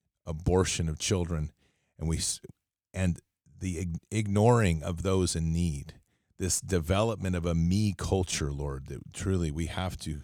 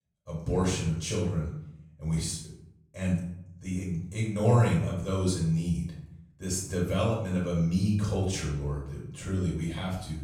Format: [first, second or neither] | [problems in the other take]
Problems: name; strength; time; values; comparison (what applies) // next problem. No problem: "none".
first | off-mic speech; far // room echo; noticeable; dies away in 0.6 s